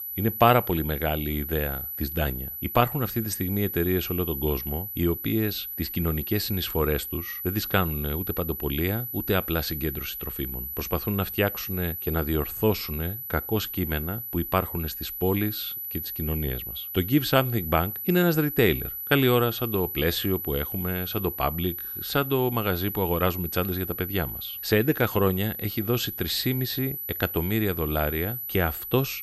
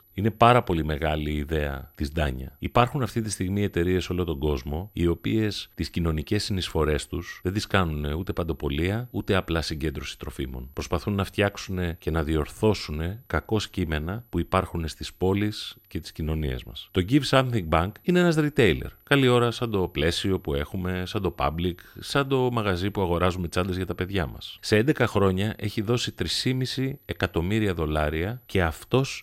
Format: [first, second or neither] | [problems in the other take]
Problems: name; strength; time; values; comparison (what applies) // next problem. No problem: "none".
second | high-pitched whine; loud; throughout; 12 kHz, 5 dB below the speech; faint in the second